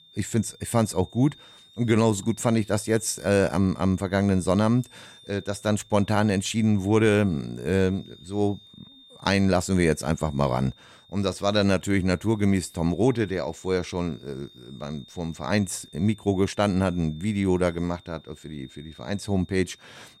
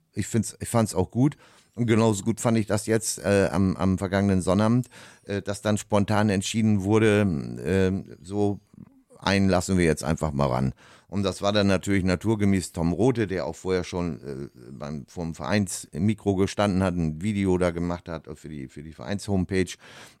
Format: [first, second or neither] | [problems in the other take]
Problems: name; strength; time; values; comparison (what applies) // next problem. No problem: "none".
second | high-pitched whine; faint; throughout; 3.5 kHz, 25 dB below the speech